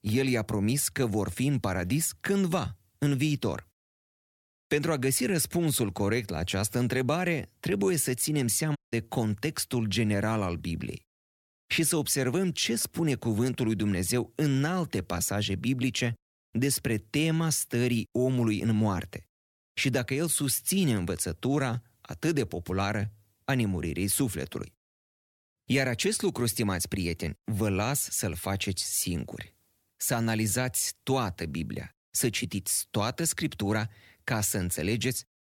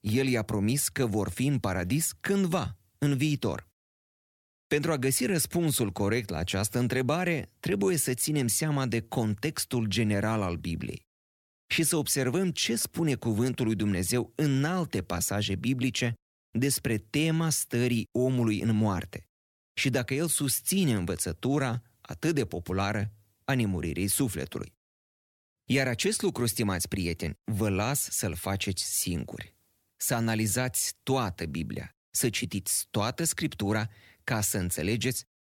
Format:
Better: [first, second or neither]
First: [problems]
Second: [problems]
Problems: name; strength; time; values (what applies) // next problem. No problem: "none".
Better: second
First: audio cutting out; at 9 s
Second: none